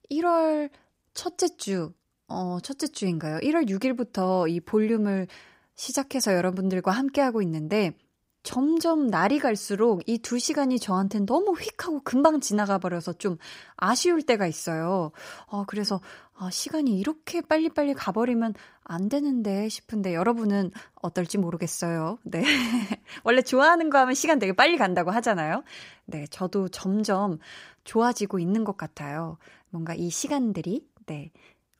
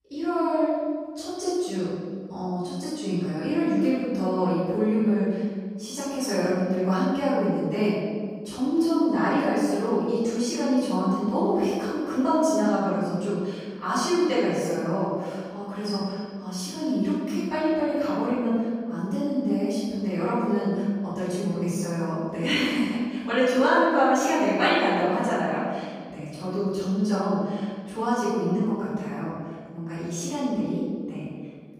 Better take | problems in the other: first | off-mic speech; far // room echo; strong; dies away in 1.7 s

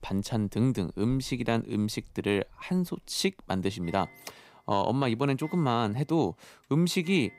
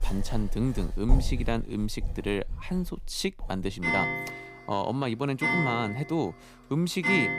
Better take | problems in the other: first | household noises; loud; throughout; as loud as the speech; faint in the first

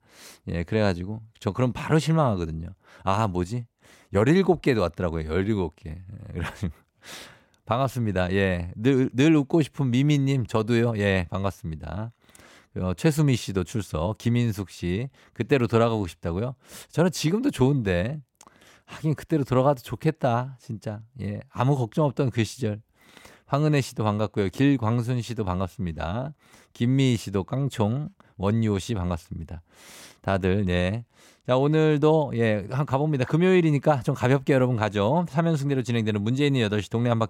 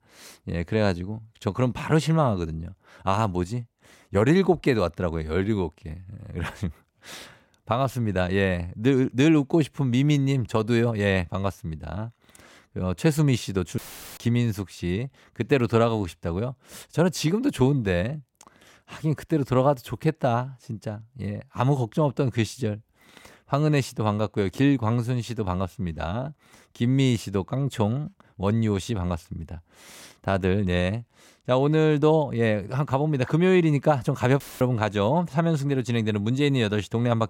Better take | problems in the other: first | audio cutting out; filled with static; at 14 s and at 34 s

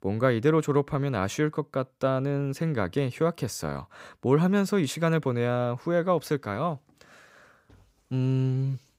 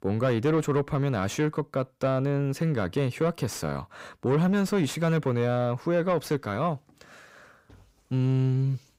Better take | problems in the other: first | distortion; slight; 10 dB below the speech

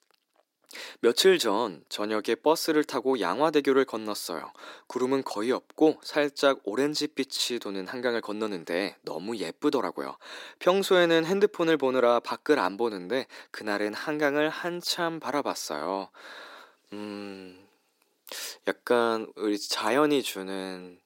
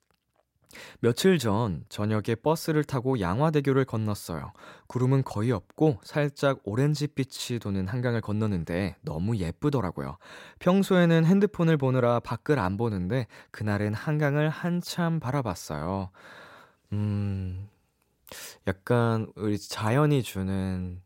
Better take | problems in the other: second | thin; somewhat; fading below 300 Hz

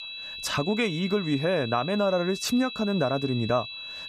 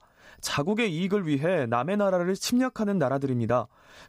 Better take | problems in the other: second | high-pitched whine; loud; throughout; 4 kHz, 9 dB below the speech

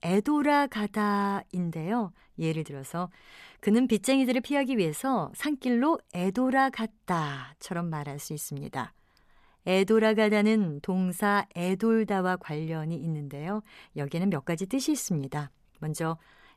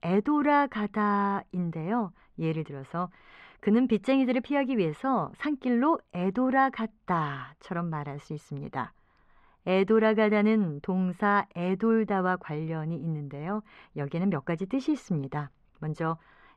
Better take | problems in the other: first | muffled; slightly; fading above 2.5 kHz

